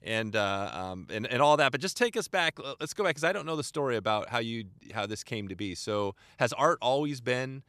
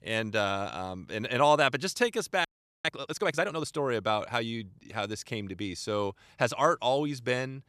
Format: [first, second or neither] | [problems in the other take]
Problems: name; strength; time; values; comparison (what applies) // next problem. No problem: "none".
first | audio freezing; at 2.5 s